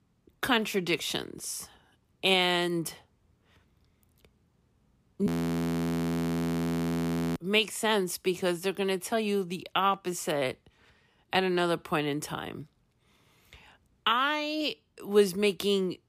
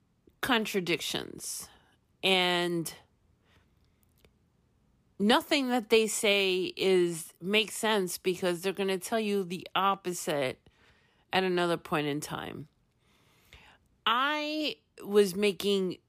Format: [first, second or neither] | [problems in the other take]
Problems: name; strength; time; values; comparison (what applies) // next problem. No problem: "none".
second | audio freezing; at 5.5 s for 2 s